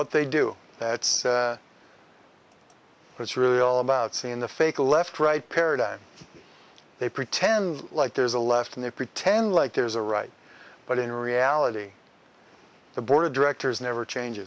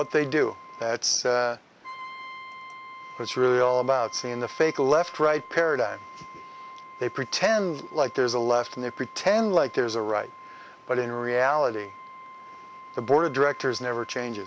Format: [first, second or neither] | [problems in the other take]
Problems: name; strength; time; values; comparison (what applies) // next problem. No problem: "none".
first | background sound (Brass instrument); 17 dB below the speech